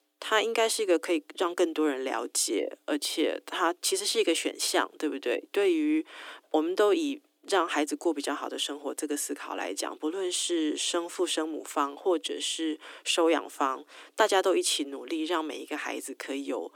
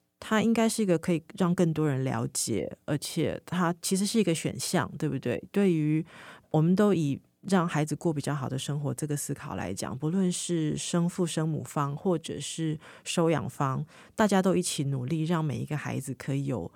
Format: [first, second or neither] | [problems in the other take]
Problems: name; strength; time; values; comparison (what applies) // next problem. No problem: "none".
second | thin; somewhat; fading below 300 Hz